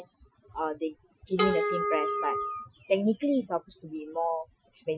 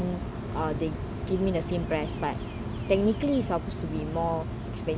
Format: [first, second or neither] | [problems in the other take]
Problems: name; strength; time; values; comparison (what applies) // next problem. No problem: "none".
second | noise reduction (classical method Wiener filter)